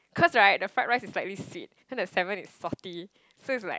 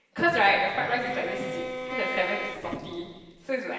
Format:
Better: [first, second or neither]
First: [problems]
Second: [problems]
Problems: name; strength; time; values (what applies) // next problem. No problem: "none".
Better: first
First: none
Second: background sound (Bowed string instrument); 7 dB below the speech // room echo; dies away in 1.3 s